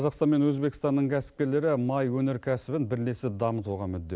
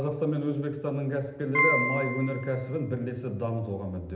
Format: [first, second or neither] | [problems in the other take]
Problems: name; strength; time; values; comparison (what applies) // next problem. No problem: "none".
first | background sound (Piano); 1 dB below the speech // room echo; dies away in 0.8 s